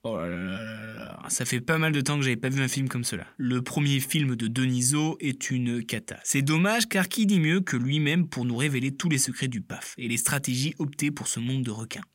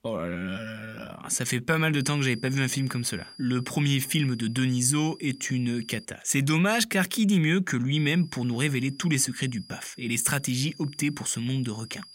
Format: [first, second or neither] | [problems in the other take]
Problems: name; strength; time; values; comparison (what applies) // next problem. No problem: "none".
first | high-pitched whine; faint; from 2 to 6 s and from 8 s on; 5 kHz, 20 dB below the speech